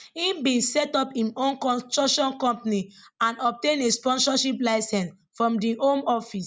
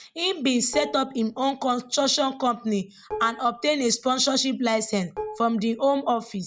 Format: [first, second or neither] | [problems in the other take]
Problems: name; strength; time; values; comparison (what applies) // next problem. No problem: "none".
first | background sound (Dishes, pots, and pans); 14 dB below the speech